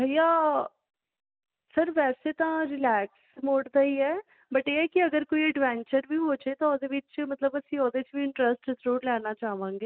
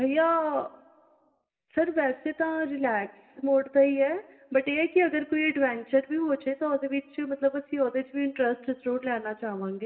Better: first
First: none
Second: room echo; dies away in 0.9 s

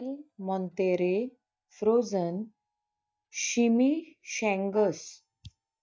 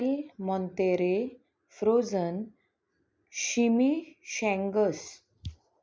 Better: second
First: noise reduction (neural mask model DeepFilterNet 3)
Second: none

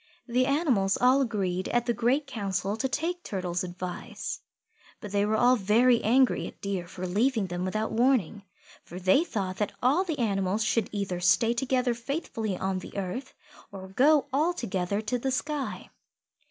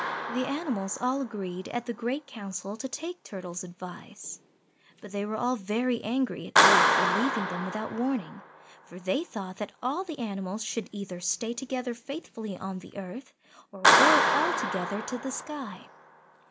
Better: first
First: none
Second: background sound (Clapping); 2 dB above the speech

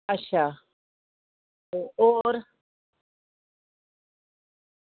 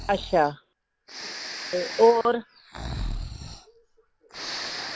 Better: first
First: none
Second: background sound (Breathing); 9 dB below the speech

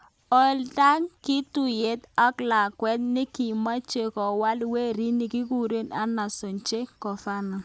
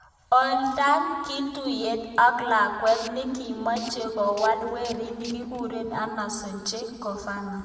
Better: first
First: none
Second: background sound (Tools); 18 dB below the speech // room echo; dies away in 1.6 s

